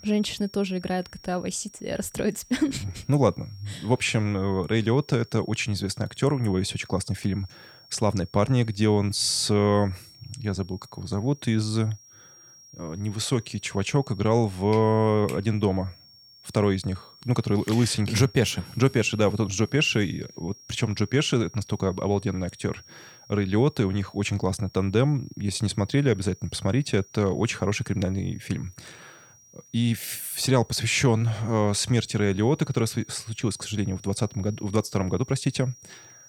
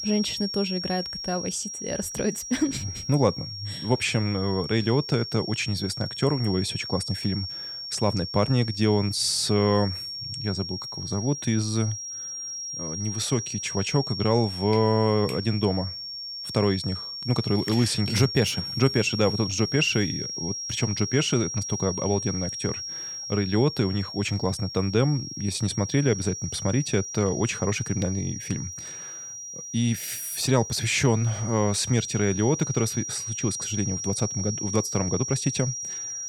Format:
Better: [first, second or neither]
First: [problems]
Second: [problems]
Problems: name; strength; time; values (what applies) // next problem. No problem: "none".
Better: first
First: high-pitched whine; faint; throughout; 5.5 kHz, 25 dB below the speech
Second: high-pitched whine; loud; throughout; 5.5 kHz, 6 dB below the speech